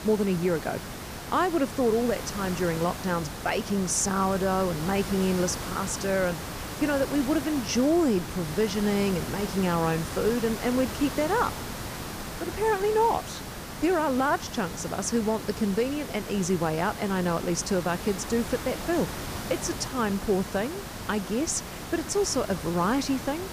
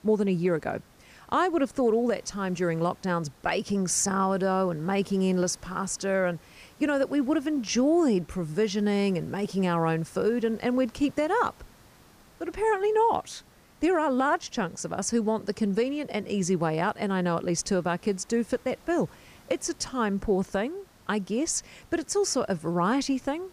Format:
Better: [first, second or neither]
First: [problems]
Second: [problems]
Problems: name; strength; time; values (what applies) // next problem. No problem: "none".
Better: second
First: hiss; loud; throughout; 9 dB below the speech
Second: hiss; faint; throughout; 30 dB below the speech